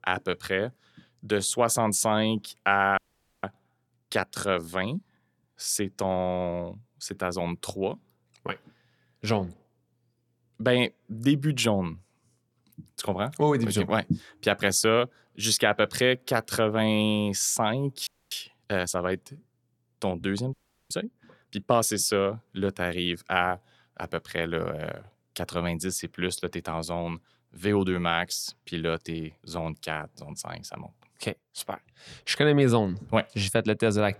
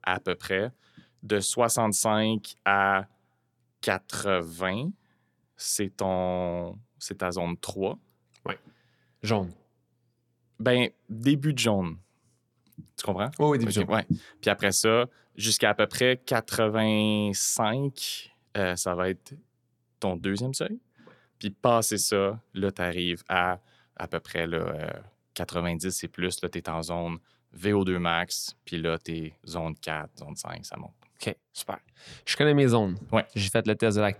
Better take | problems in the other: second | audio freezing; at 3 s, at 18 s and at 21 s

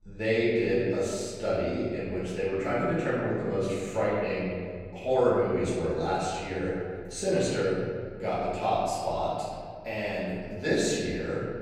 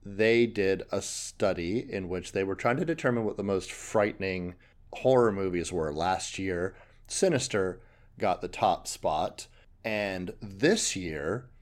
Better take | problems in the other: second | off-mic speech; far // room echo; strong; dies away in 2 s

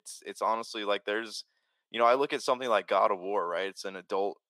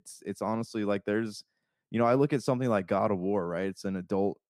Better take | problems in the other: second | thin; very; fading below 600 Hz

